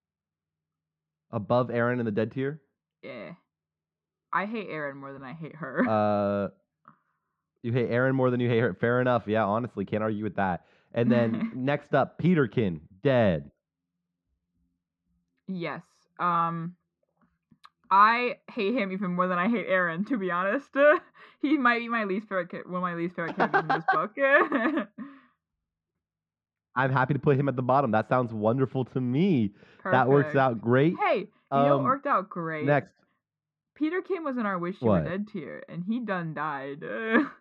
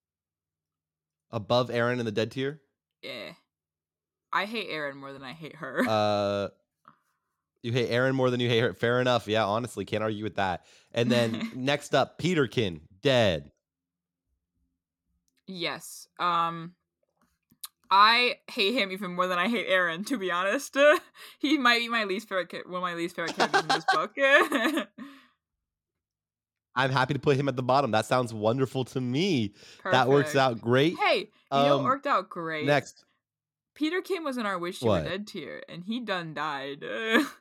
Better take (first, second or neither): second